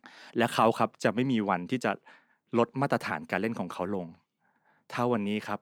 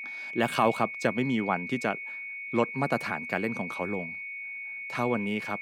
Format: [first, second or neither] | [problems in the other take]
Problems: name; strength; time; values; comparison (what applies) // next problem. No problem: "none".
first | high-pitched whine; loud; throughout; 2 kHz, 6 dB below the speech